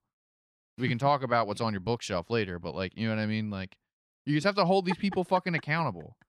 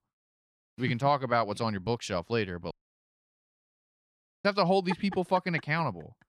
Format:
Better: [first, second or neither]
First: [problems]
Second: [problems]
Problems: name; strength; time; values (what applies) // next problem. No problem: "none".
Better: first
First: none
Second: audio cutting out; at 2.5 s for 1.5 s